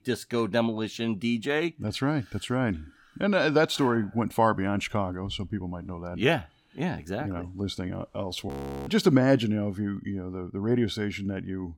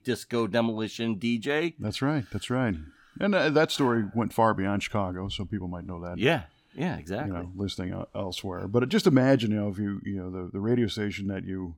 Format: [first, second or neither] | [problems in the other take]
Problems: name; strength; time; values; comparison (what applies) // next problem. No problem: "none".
second | audio freezing; at 8.5 s